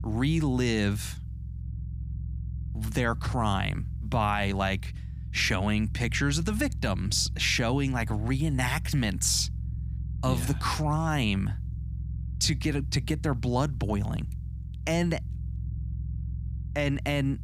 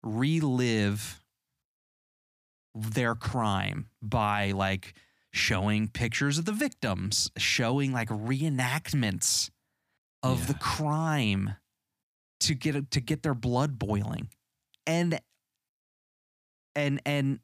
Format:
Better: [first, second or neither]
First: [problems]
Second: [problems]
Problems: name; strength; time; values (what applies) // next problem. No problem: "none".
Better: second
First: low rumble; faint; throughout; 20 dB below the speech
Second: none